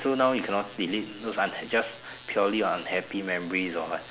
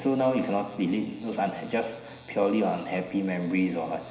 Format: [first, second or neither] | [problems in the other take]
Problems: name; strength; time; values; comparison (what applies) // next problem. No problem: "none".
first | room echo; dies away in 0.9 s